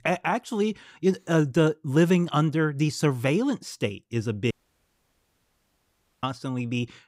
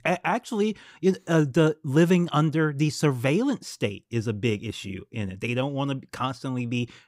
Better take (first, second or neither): second